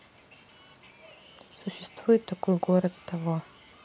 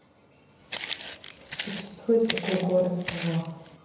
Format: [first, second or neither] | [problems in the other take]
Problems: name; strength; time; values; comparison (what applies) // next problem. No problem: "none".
first | background sound (Walk, footsteps); 9 dB below the speech // room echo; dies away in 1 s